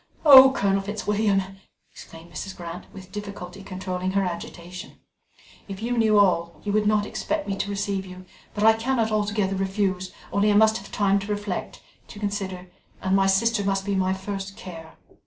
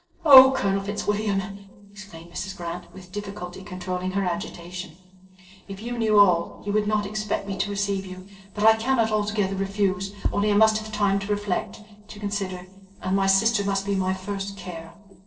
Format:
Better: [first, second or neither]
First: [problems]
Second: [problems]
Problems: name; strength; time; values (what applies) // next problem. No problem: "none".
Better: first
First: none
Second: noise reduction (neural separator model SepFormer DNS4)